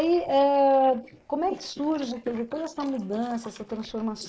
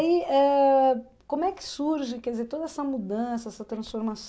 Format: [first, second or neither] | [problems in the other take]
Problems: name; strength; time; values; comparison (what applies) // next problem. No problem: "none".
second | noise reduction (neural mask model Resemble Enhance denoiser)